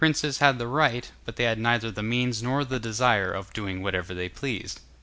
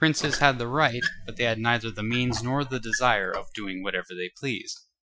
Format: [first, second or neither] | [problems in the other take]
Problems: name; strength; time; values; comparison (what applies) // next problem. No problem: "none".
first | noise reduction (classical method Wiener filter)